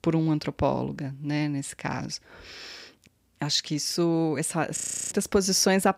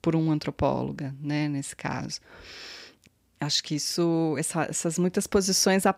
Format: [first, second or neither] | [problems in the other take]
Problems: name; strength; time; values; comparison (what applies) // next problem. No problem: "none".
second | audio freezing; at 5 s